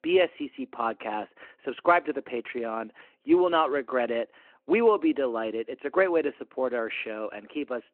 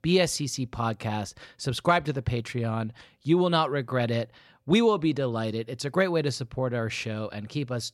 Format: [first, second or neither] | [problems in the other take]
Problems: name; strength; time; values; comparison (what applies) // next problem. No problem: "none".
second | phone-call audio